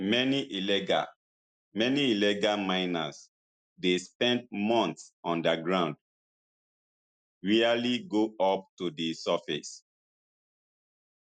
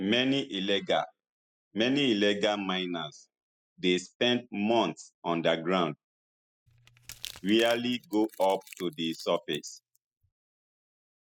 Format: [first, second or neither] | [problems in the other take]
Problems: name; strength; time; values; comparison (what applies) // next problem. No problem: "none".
first | noise reduction (classical method spectral subtraction)